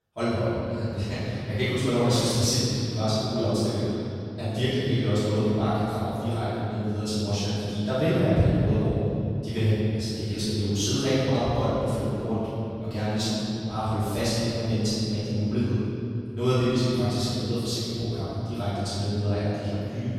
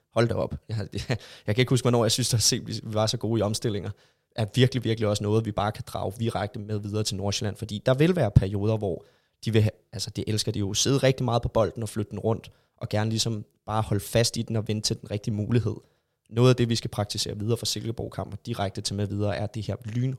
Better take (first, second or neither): second